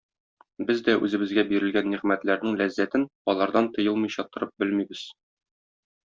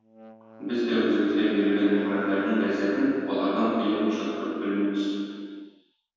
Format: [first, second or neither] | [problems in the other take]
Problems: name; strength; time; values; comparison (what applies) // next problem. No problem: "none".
first | background sound (Wind instrument, woodwind instrument); 20 dB below the speech // room echo; dies away in 2 s